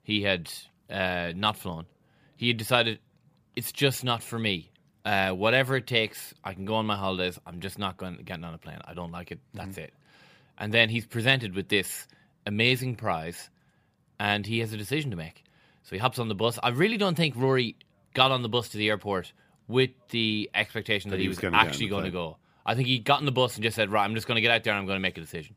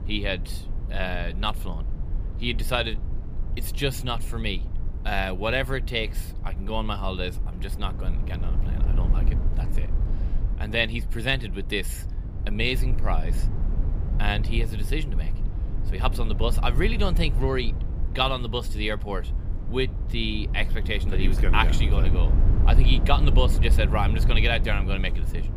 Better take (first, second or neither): first